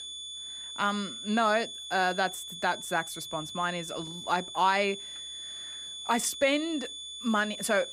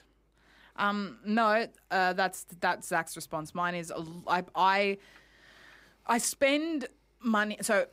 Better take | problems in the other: second | high-pitched whine; loud; throughout; 3.5 kHz, 9 dB below the speech

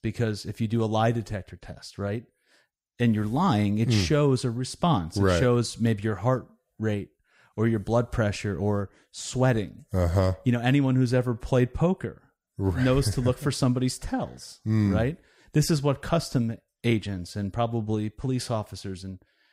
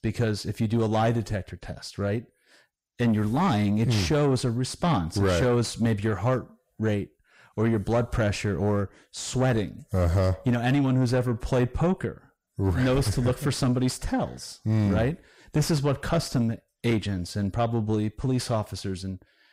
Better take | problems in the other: first | distortion; slight; 9 dB below the speech

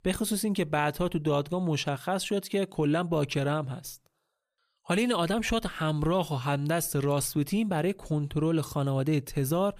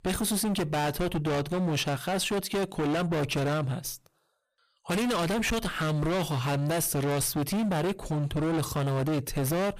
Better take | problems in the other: first | distortion; heavy; 34% of the sound clipped

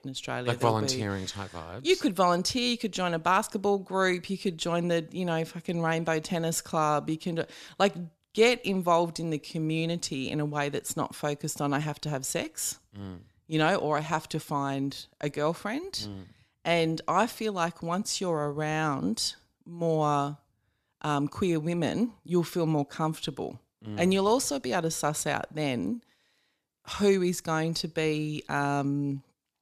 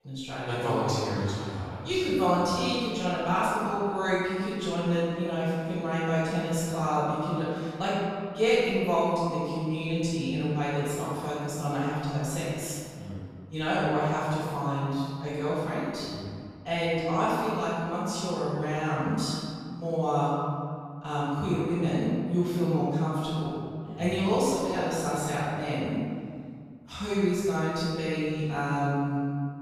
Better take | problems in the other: first | room echo; strong; dies away in 2.3 s // off-mic speech; far

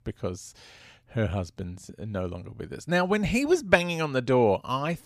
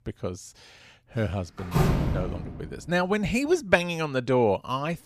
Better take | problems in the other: first | door banging; loud; at 1.5 s; peak 3 dB above the speech

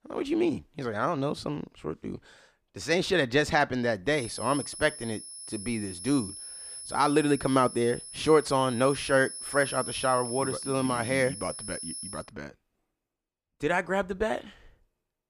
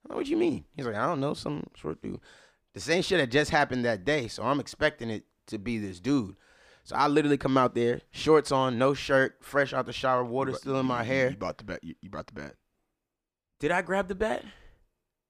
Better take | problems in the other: second | high-pitched whine; loud; from 4 to 12 s; 10.5 kHz, 10 dB below the speech

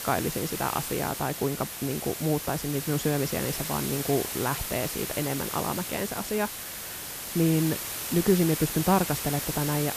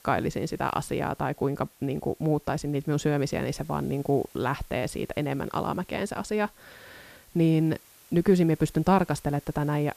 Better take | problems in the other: second | hiss; loud; throughout; 4 dB below the speech; faint in the second

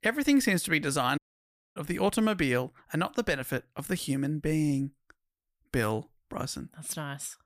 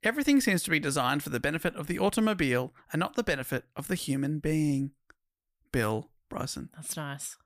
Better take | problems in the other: second | audio cutting out; at 1 s for 0.5 s

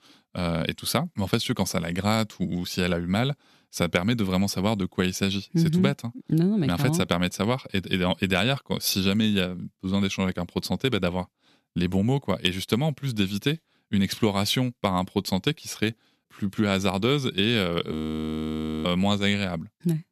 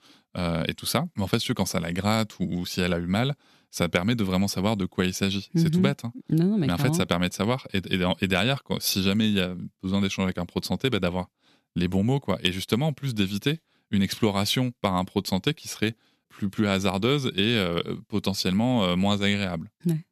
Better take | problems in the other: second | audio freezing; at 18 s for 1 s

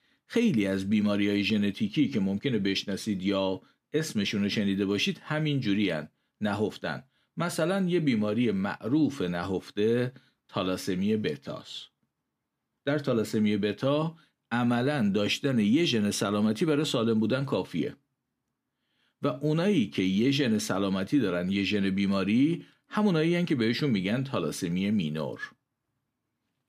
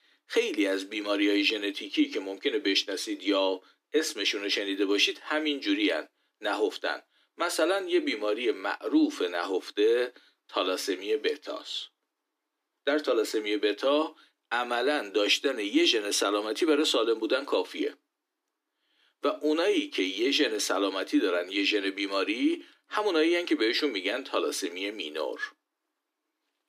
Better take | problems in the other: first | thin; somewhat; fading below 300 Hz

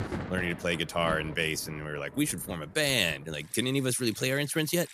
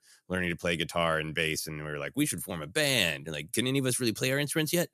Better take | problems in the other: second | rain or running water; noticeable; throughout; 15 dB below the speech

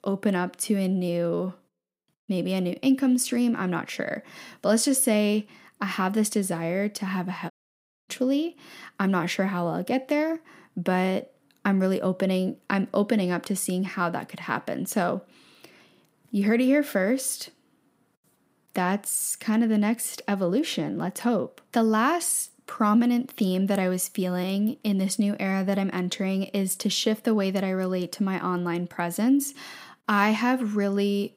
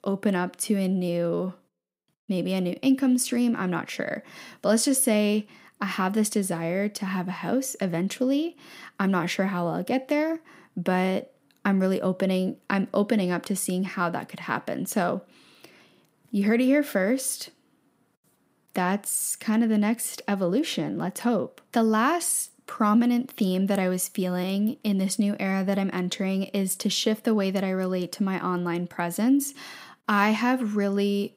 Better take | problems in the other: second | audio cutting out; at 7.5 s for 0.5 s

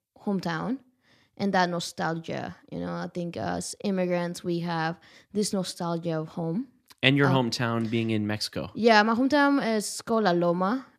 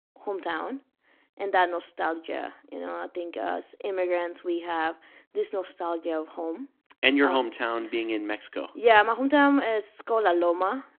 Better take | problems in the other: first | phone-call audio

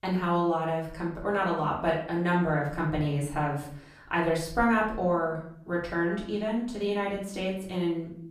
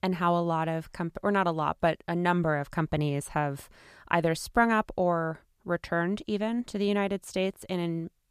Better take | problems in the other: second | off-mic speech; far // room echo; noticeable; dies away in 0.5 s

